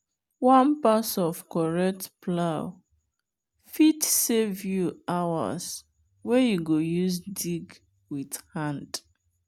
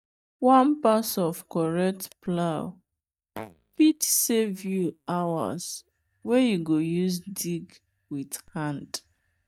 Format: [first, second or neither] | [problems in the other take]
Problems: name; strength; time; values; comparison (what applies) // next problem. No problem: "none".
first | noise reduction (neural mask model DeepFilterNet 3)